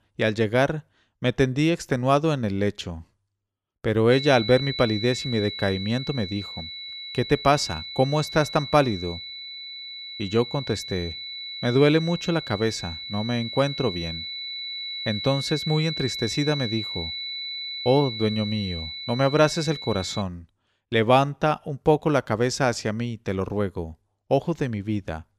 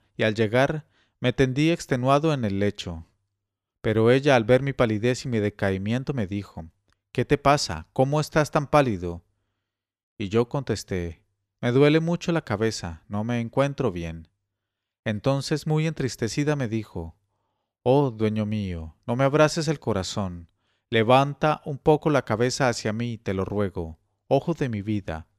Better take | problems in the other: second | high-pitched whine; loud; from 4 to 20 s; 4 kHz, 8 dB below the speech

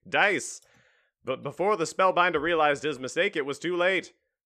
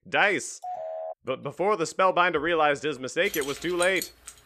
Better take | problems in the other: first | phone ringing; noticeable; at 0.5 s; peak 9 dB below the speech // jangling keys; noticeable; from 3.5 s on; peak 9 dB below the speech

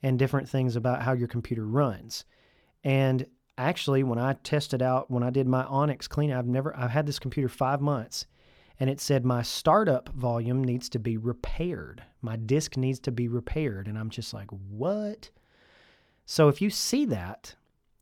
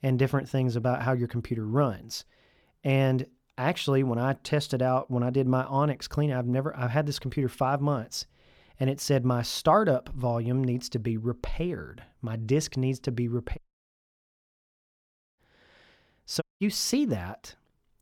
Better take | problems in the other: first | audio cutting out; at 14 s for 2 s and at 16 s

